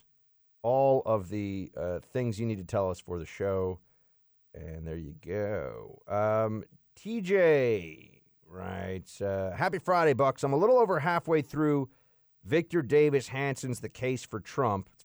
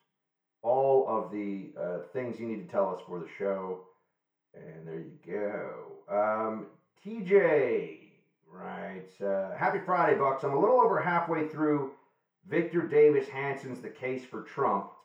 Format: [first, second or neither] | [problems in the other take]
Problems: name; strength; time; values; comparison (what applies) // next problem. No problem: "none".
first | room echo; slight; dies away in 0.5 s // off-mic speech; far